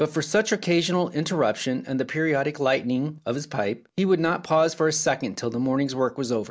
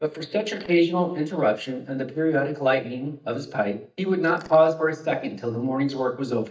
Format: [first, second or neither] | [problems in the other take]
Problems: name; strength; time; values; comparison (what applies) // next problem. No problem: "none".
first | noise reduction (neural mask model DeepFilterNet 3)